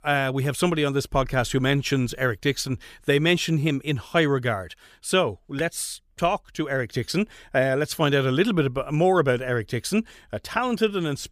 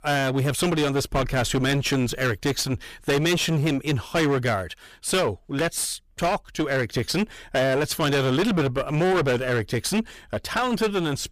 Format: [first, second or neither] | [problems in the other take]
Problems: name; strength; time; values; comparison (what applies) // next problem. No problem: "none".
first | distortion; heavy; 19% of the sound clipped